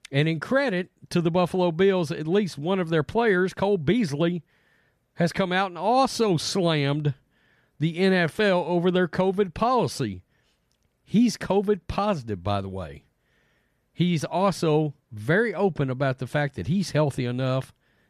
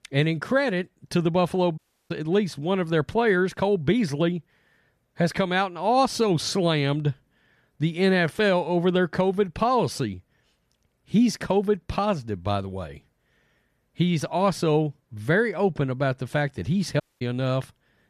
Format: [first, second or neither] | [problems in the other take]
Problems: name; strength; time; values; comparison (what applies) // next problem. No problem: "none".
first | audio cutting out; at 2 s and at 17 s